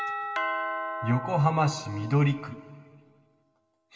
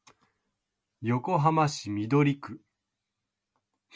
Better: second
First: background sound (Doorbell); 6 dB below the speech // room echo; dies away in 1.5 s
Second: none

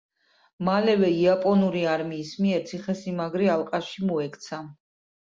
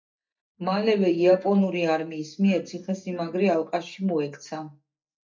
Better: first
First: none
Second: noise reduction (neural mask model DeepFilterNet 3)

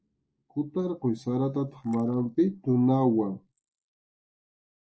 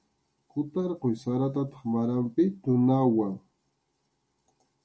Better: second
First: noise reduction (neural mask model Resemble Enhance denoiser)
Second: none

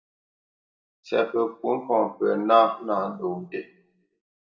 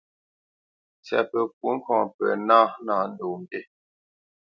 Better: second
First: room echo; dies away in 0.4 s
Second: none

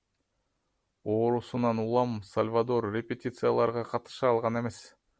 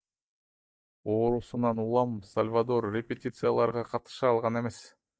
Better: first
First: none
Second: noise reduction (neural mask model DeepFilterNet 3)

